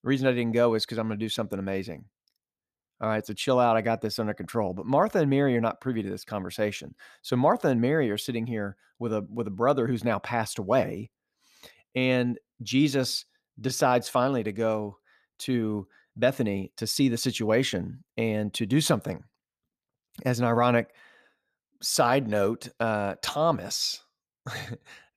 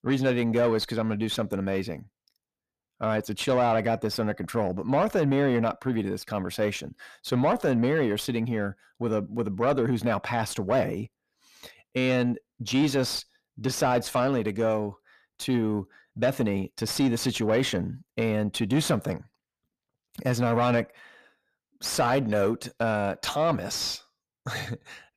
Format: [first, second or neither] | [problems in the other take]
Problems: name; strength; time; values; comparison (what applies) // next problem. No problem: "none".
first | distortion; slight; 10 dB below the speech